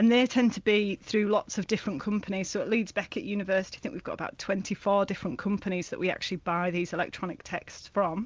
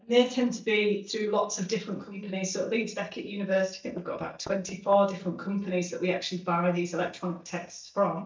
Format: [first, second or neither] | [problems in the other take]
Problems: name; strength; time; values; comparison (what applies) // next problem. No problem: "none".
first | noise reduction (neural mask model DeepFilterNet 3)